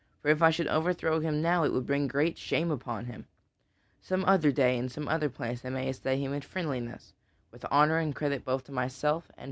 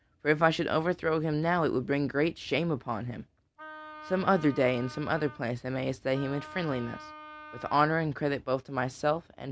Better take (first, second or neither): first